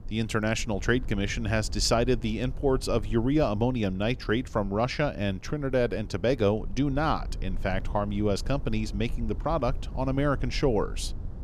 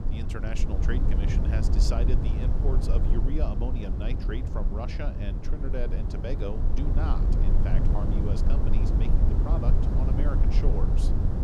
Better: first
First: low rumble; faint; throughout; 25 dB below the speech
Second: low rumble; loud; throughout; 1 dB below the speech

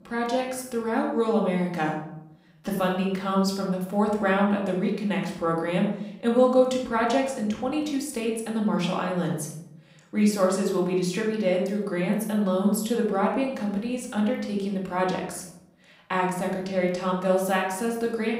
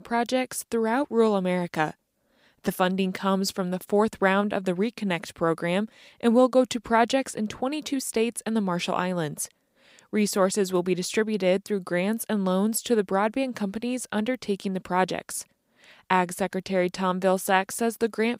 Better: second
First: room echo; noticeable; dies away in 0.7 s // off-mic speech; far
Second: none

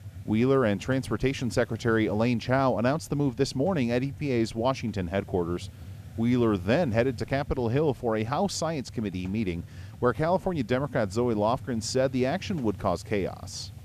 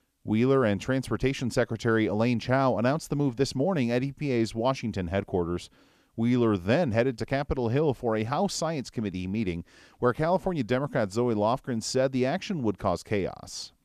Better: second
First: hiss; noticeable; throughout; 15 dB below the speech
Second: none

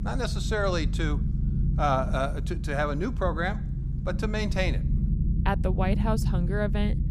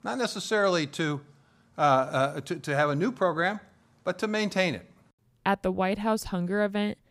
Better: second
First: low rumble; noticeable; throughout; 10 dB below the speech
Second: none

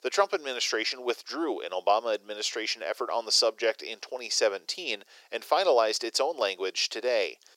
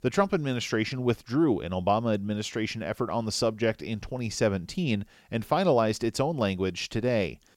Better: second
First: thin; very; fading below 400 Hz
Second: none

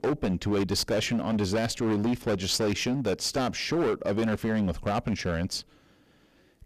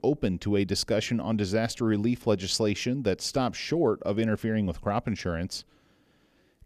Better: second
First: distortion; heavy; 17% of the sound clipped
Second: none

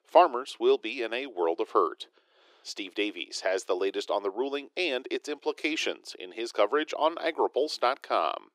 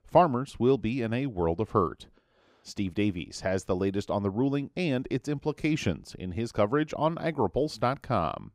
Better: second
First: thin; very; fading below 350 Hz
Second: none

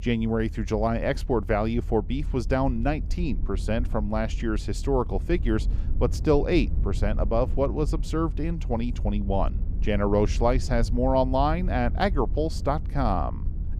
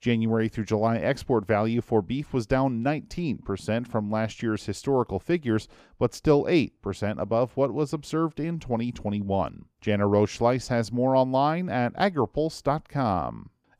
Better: second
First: low rumble; faint; throughout; 20 dB below the speech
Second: none

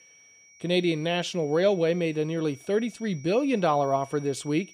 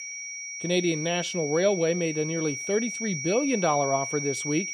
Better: first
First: high-pitched whine; faint; throughout; 2.5 kHz, 25 dB below the speech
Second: high-pitched whine; loud; throughout; 2.5 kHz, 5 dB below the speech

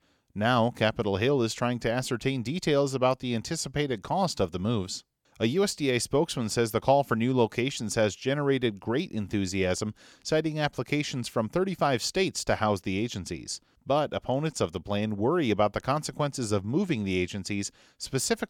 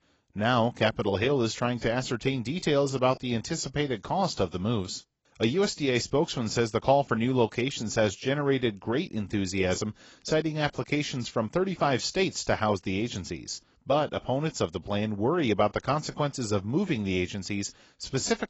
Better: first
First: none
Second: garbled, watery; badly; nothing above 7.5 kHz

